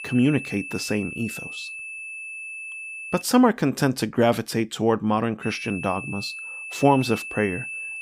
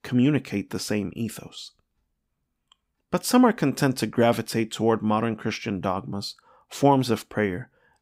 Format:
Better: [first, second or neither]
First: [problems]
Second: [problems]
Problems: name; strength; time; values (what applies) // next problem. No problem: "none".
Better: second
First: high-pitched whine; loud; until 3 s and from 5.5 s on; 2.5 kHz, 9 dB below the speech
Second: none